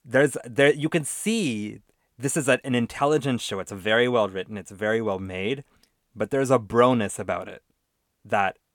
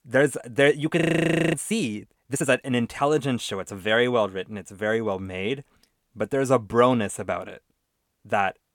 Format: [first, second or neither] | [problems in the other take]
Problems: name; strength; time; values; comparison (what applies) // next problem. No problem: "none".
first | audio freezing; at 1 s for 0.5 s